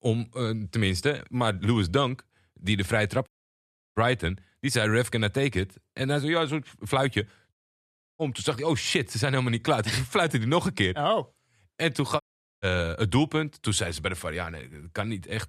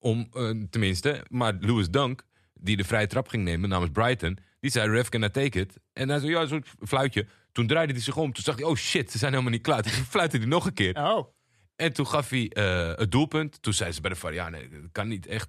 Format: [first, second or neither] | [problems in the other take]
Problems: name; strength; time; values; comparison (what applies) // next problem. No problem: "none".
second | audio cutting out; at 3.5 s for 0.5 s, at 7.5 s for 0.5 s and at 12 s